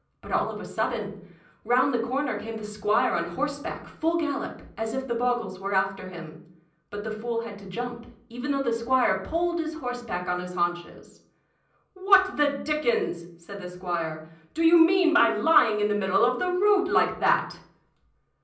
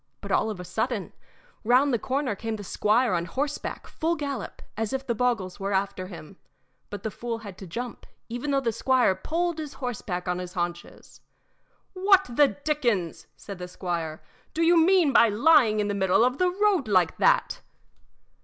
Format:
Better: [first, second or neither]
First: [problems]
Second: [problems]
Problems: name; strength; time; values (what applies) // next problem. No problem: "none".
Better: second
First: room echo; dies away in 0.6 s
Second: none